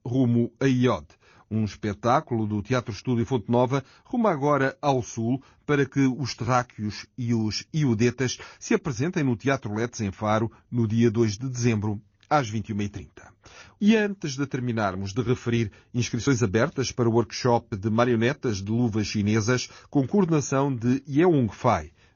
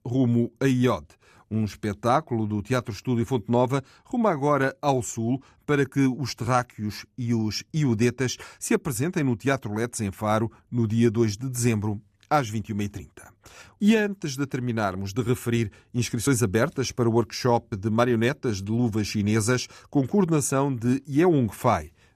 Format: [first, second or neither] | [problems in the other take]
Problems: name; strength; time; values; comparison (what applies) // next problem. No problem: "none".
second | garbled, watery; slightly; nothing above 6.5 kHz